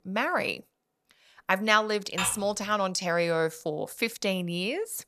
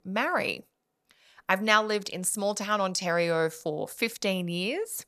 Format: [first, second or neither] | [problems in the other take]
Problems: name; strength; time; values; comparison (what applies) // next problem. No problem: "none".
second | clattering dishes; noticeable; at 2 s; peak 4 dB below the speech